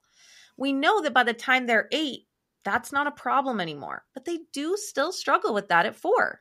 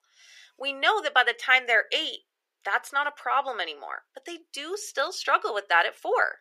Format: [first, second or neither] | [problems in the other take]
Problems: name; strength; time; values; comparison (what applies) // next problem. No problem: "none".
first | thin; very; fading below 400 Hz